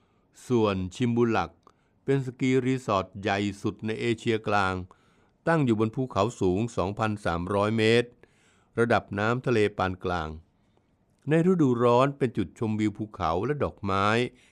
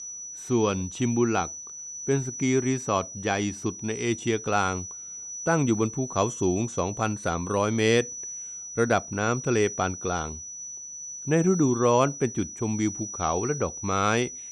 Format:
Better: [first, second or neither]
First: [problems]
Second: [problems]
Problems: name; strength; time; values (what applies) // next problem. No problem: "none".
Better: first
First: none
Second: high-pitched whine; loud; throughout; 6 kHz, 9 dB below the speech